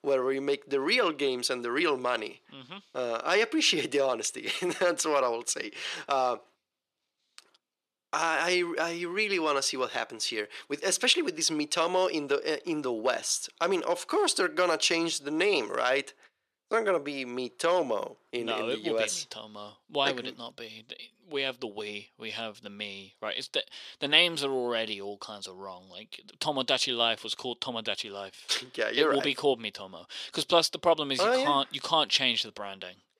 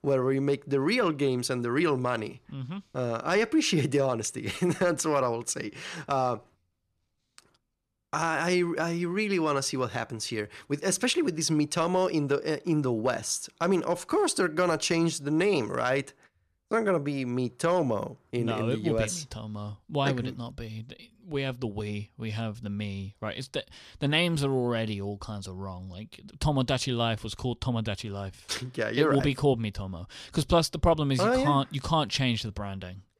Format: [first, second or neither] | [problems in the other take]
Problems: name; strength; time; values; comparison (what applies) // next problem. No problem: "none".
second | thin; somewhat; fading below 450 Hz